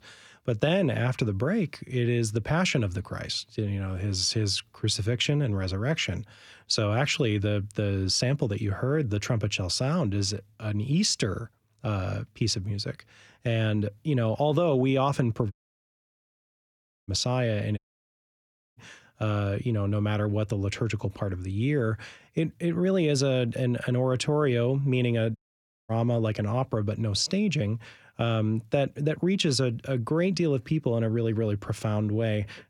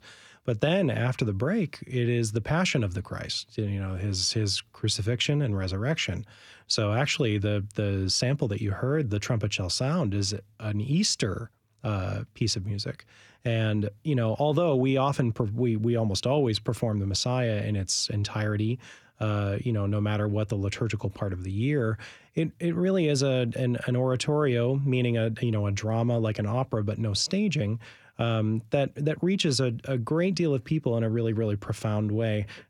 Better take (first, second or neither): second